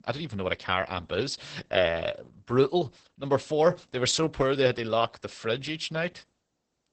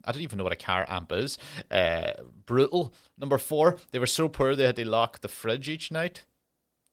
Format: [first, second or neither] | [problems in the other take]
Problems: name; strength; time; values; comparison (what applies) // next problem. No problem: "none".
second | garbled, watery; badly; nothing above 8 kHz; slightly in the second